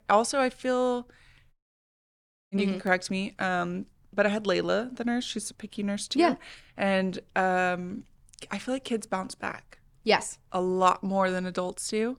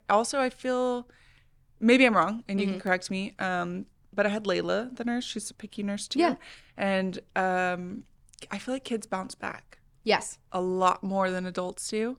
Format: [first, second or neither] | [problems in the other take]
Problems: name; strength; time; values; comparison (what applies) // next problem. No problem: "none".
second | audio cutting out; at 1.5 s for 1 s